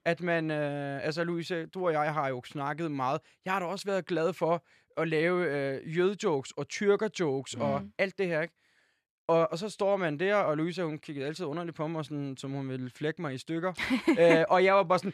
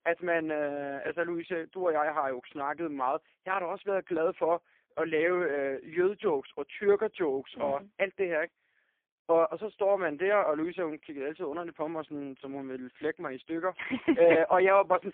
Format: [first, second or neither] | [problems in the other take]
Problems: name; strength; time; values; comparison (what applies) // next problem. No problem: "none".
first | phone-call audio; poor line